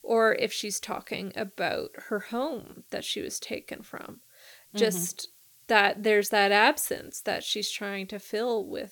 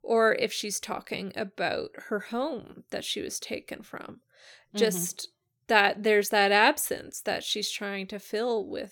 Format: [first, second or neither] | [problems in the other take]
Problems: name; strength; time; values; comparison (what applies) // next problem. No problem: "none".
second | hiss; faint; throughout; 25 dB below the speech